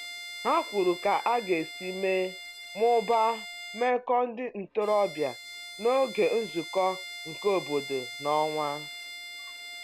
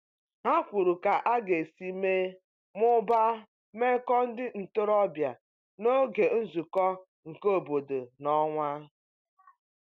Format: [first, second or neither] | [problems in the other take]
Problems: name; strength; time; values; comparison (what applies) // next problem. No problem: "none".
second | background sound (Bowed string instrument); 13 dB below the speech